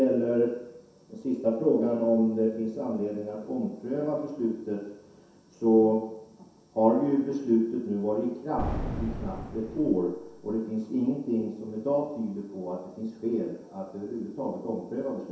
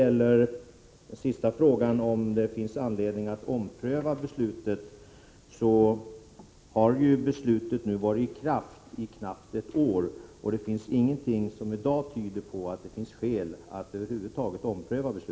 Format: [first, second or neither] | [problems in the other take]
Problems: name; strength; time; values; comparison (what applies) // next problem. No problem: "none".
second | background sound (Boom); 6 dB below the speech // room echo; dies away in 0.7 s